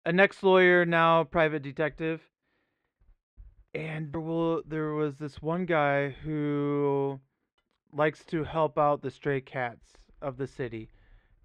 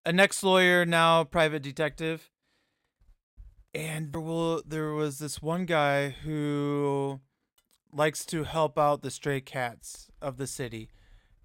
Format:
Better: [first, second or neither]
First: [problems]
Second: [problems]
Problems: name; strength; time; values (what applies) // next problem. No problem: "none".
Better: second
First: muffled; very; fading above 2 kHz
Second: none